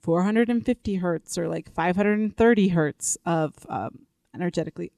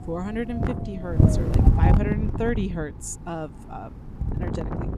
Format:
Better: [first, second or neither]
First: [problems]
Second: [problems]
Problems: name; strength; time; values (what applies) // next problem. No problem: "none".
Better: first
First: none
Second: wind noise on the microphone; heavy; 1 dB above the speech